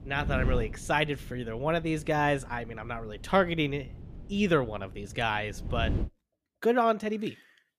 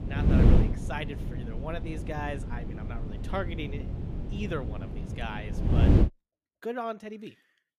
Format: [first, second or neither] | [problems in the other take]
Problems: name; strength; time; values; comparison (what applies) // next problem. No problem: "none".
first | wind noise on the microphone; heavy; until 6 s; as loud as the speech; occasional gusts in the first